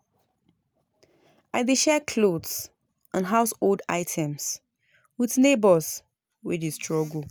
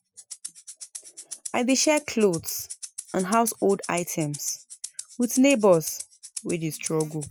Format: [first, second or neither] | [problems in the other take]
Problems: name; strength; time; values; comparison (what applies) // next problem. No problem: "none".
first | noise reduction (classical method Wiener filter)